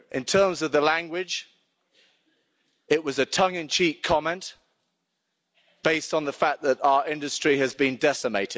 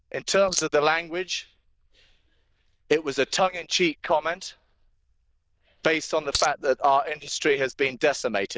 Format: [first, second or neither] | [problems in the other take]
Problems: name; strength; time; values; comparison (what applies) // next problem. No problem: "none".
first | noise reduction (neural diffusion model UNIVERSE++)